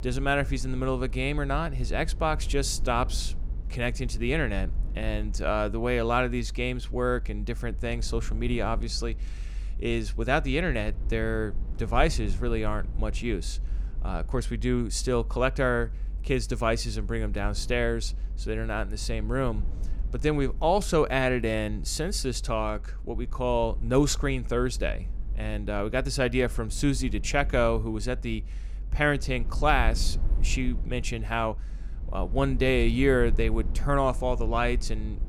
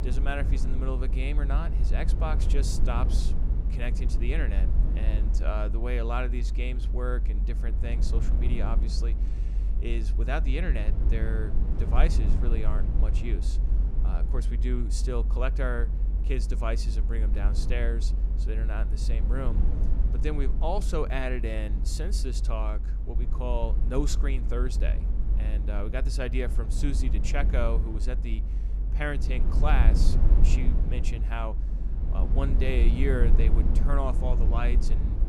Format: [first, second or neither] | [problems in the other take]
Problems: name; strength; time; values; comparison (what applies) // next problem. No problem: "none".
first | low rumble; loud; throughout; 9 dB below the speech; faint in the first